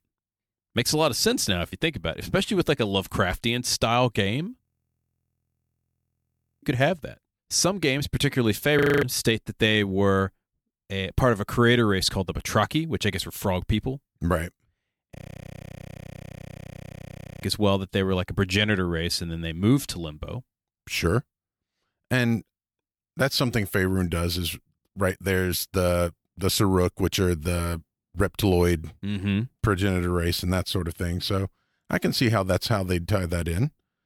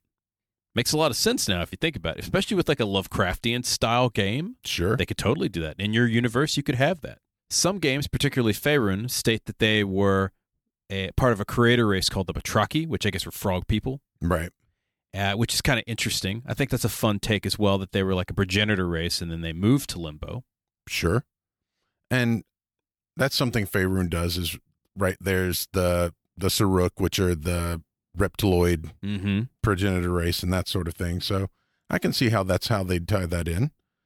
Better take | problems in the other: second | audio freezing; at 4.5 s for 2 s, at 9 s and at 15 s for 2.5 s

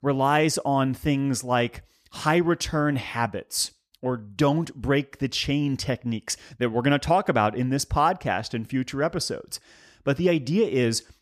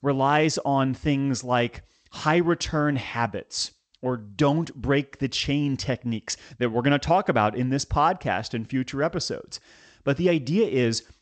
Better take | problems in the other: first | garbled, watery; slightly; nothing above 8 kHz

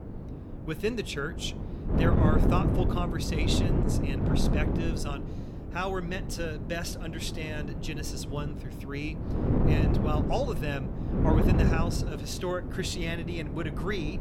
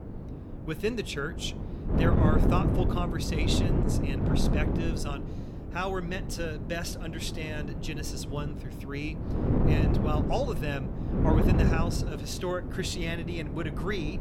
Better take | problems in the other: neither | wind noise on the microphone; heavy; 2 dB below the speech; the same in both

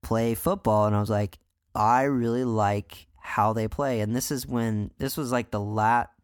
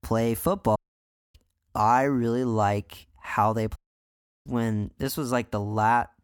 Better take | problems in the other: first | audio cutting out; at 1 s for 0.5 s and at 4 s for 0.5 s

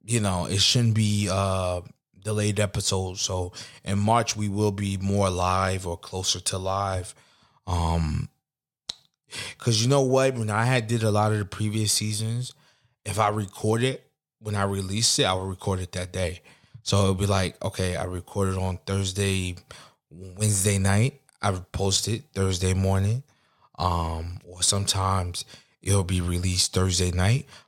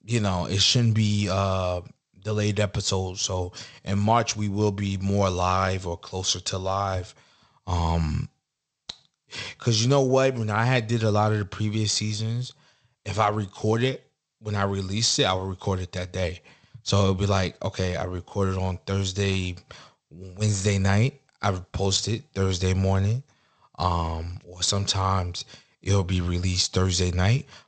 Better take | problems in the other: first | garbled, watery; slightly; nothing above 8 kHz

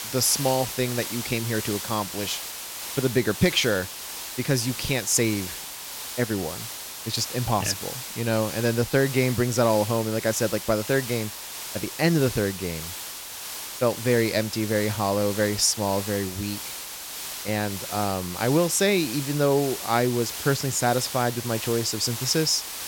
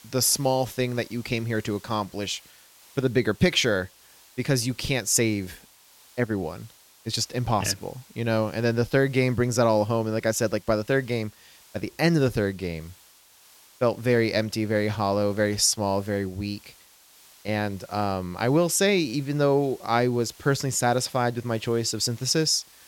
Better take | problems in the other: second | hiss; loud; throughout; 8 dB below the speech; faint in the second

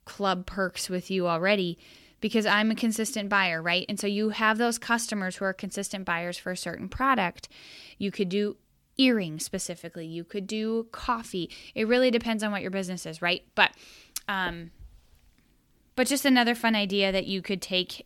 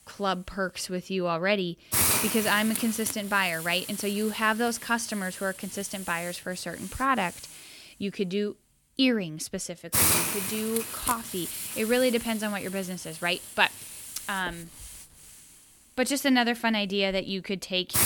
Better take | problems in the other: first | hiss; loud; throughout; 2 dB below the speech

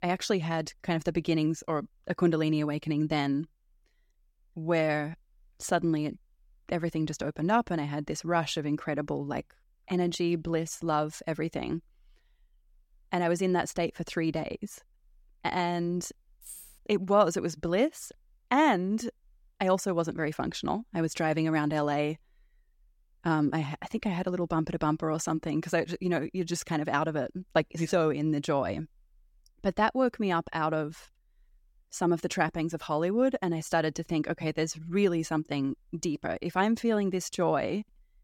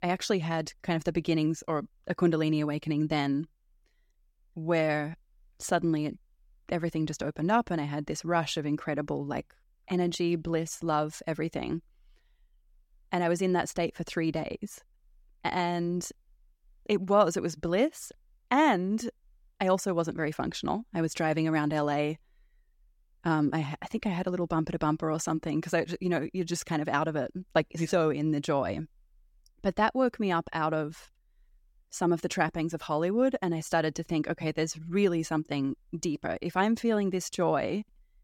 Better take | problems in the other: second | jangling keys; faint; at 16 s; peak 15 dB below the speech

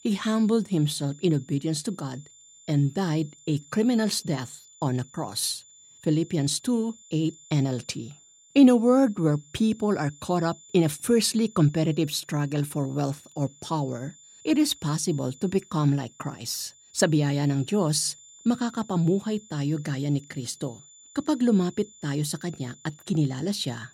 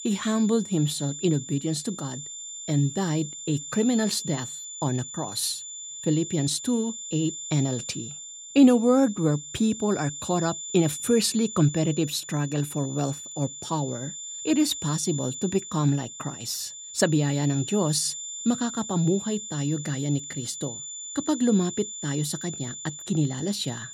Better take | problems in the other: first | high-pitched whine; loud; throughout; 7 kHz, 9 dB below the speech; faint in the first

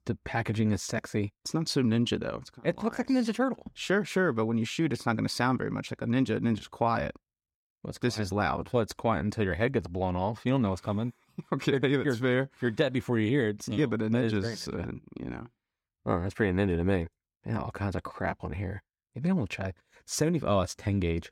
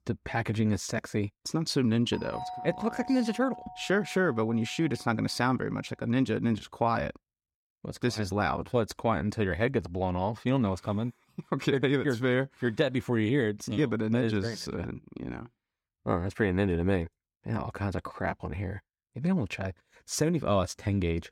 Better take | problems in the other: first | doorbell; noticeable; from 2 to 5 s; peak 9 dB below the speech

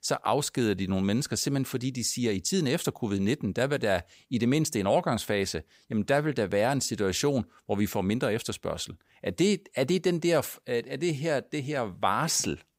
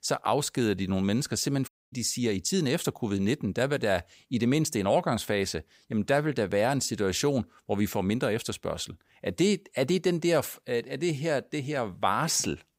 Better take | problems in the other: first | audio cutting out; at 1.5 s

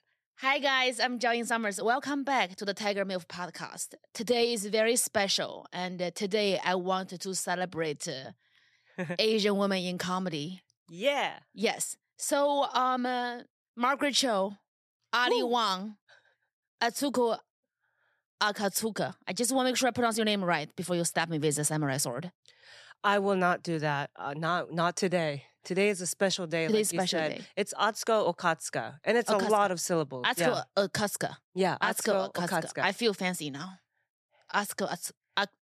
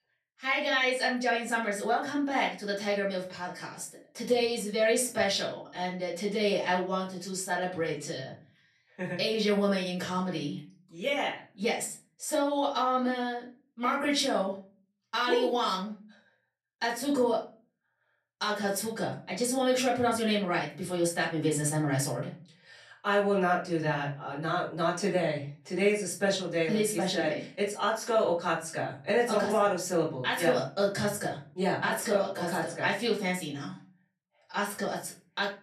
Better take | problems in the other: first | off-mic speech; far // room echo; slight; dies away in 0.3 s

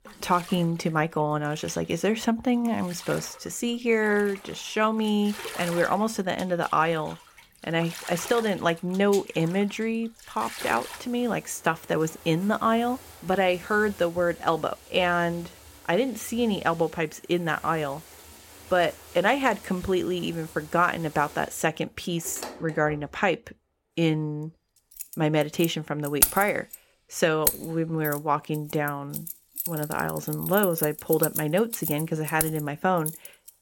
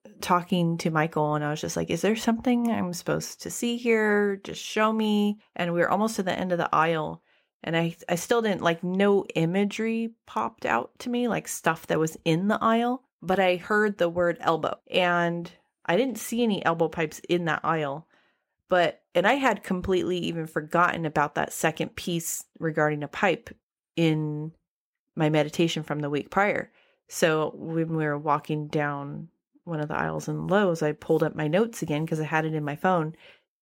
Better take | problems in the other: second | household noises; loud; throughout; 7 dB below the speech

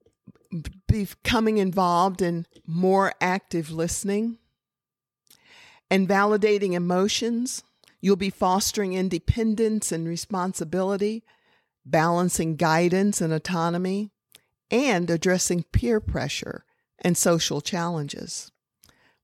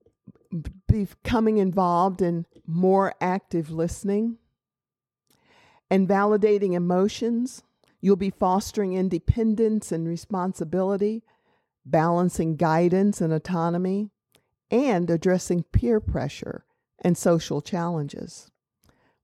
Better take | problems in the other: first | muffled; slightly; fading above 1.5 kHz

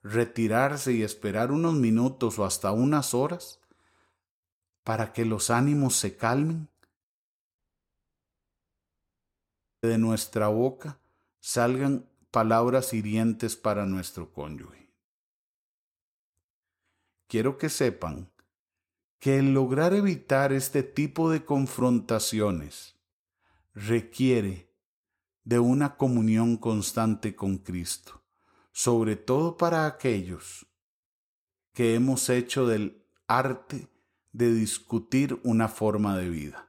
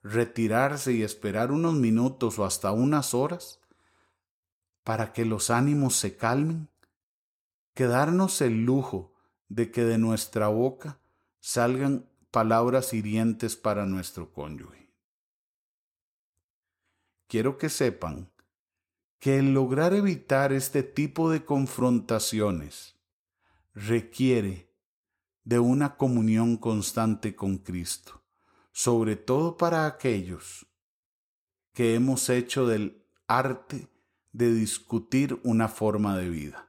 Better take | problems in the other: second | audio cutting out; at 7.5 s for 2.5 s

